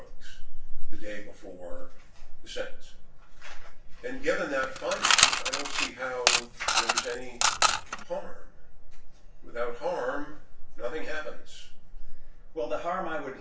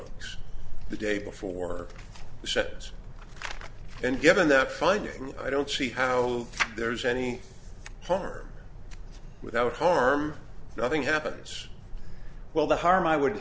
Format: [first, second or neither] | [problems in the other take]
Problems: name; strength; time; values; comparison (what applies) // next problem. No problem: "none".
second | background sound (Coin (dropping) / Mechanisms); as loud as the speech // room echo; dies away in 0.3 s